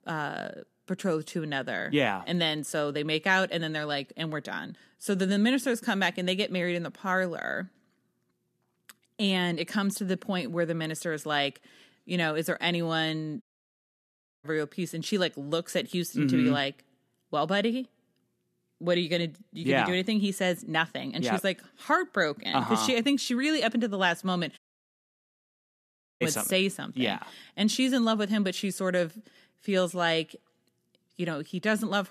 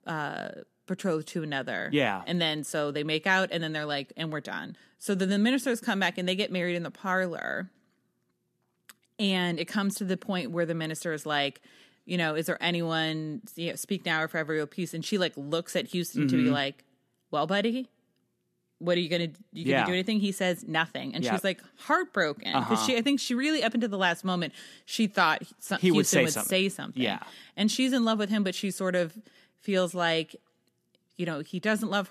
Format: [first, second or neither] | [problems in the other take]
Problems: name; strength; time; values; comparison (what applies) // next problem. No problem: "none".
second | audio cutting out; at 13 s for 1 s and at 25 s for 1.5 s